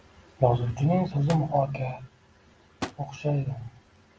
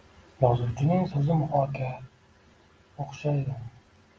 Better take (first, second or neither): second